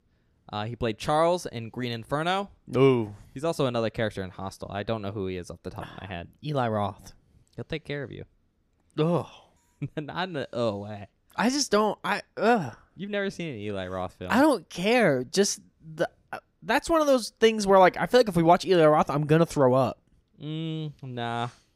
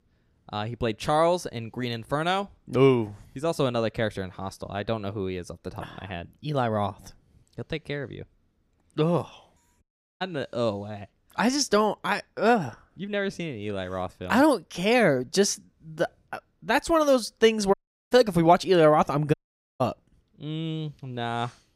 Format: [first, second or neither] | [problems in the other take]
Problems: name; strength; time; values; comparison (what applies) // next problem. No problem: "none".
first | audio cutting out; at 10 s, at 18 s and at 19 s